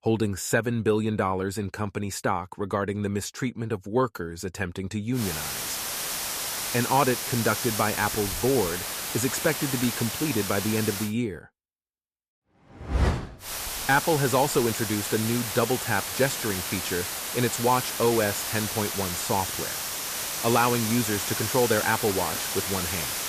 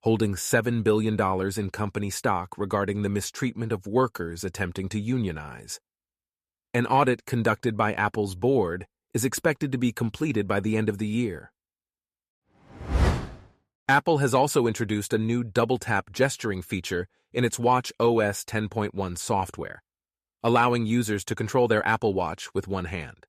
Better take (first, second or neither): second